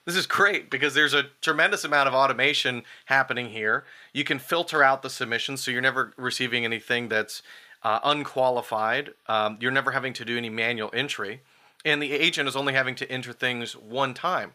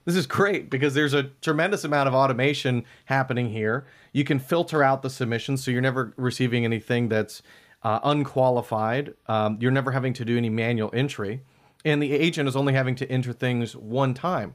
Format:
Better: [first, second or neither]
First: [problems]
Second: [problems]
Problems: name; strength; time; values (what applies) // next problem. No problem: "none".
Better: second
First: thin; somewhat; fading below 850 Hz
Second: none